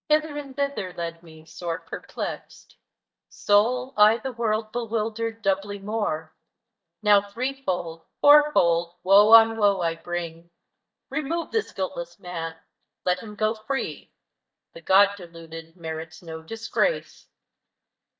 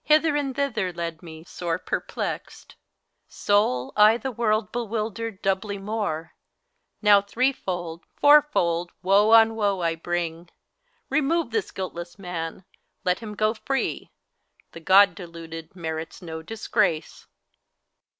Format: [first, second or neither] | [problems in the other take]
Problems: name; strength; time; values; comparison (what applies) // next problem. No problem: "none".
second | noise reduction (neural mask model DeepFilterNet 3)